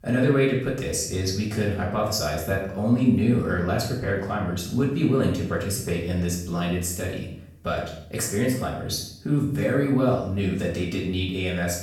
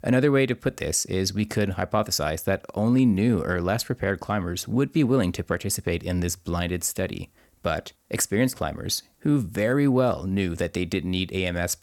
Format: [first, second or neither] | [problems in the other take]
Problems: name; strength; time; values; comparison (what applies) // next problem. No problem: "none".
second | room echo; noticeable; dies away in 0.6 s // off-mic speech; far